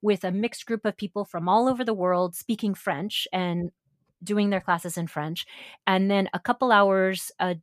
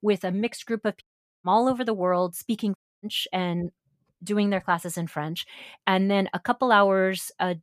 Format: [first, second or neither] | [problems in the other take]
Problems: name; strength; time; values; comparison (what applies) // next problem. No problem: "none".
first | audio cutting out; at 1 s and at 3 s